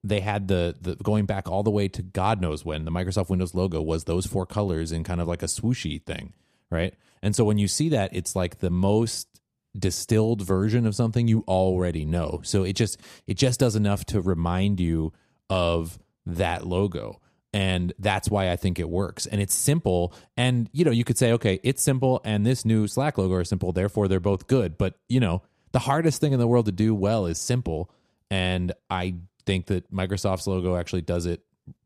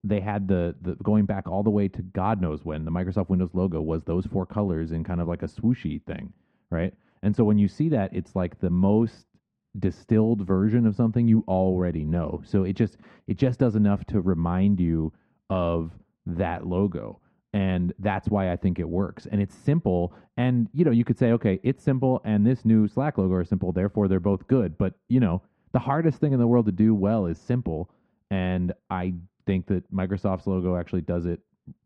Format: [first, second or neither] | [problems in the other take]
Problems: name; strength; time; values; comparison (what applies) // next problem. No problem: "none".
first | muffled; very; fading above 1.5 kHz